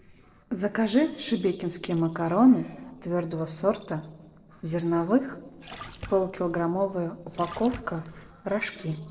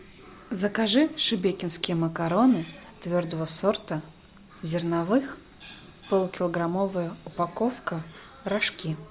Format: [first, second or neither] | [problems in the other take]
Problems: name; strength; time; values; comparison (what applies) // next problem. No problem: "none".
second | noise reduction (neural separator model SepFormer DNS4)